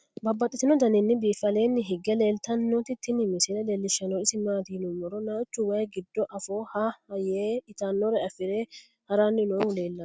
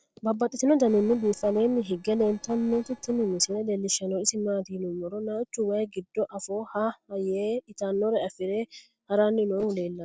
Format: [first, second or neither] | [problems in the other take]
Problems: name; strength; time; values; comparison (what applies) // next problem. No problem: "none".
first | noise reduction (neural separator model SepFormer DNS4)